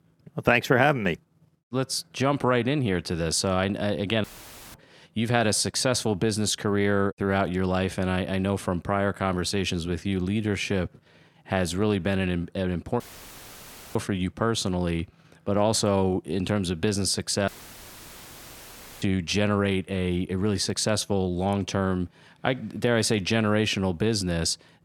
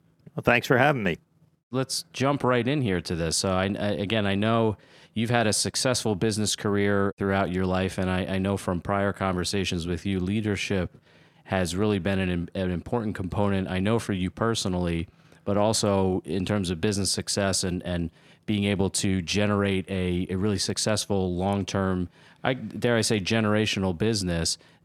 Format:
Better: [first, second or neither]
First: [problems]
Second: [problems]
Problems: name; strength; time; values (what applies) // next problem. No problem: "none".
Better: second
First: audio cutting out; filled with static; at 4 s for 0.5 s, at 13 s for 1 s and at 17 s for 1.5 s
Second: none